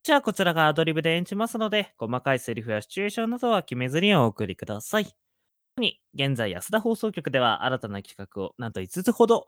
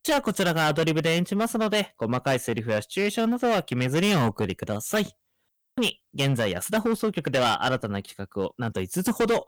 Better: first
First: none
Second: distortion; heavy; 12% of the sound clipped

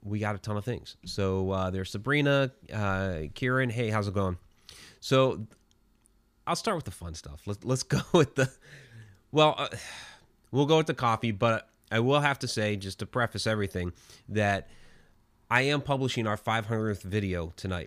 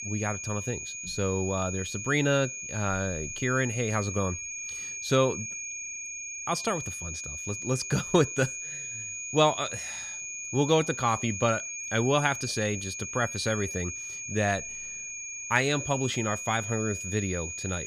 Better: first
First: none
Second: high-pitched whine; loud; throughout; 6.5 kHz, 6 dB below the speech

